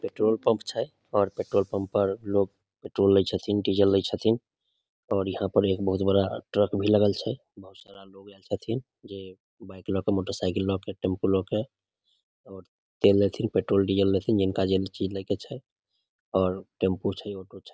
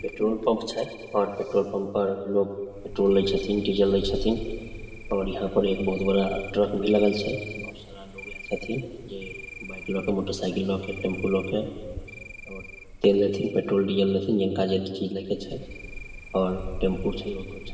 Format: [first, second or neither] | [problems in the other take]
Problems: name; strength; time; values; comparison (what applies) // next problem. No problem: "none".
first | background sound (Cricket); 13 dB below the speech // room echo; dies away in 2.1 s